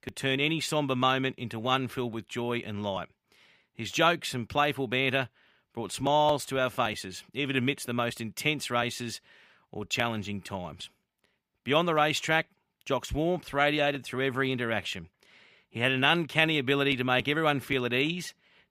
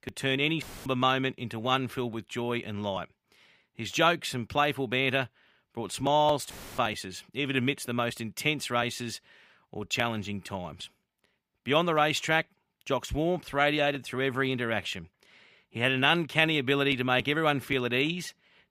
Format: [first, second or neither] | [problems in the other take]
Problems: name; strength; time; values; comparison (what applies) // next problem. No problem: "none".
first | audio cutting out; filled with static; at 0.5 s and at 6.5 s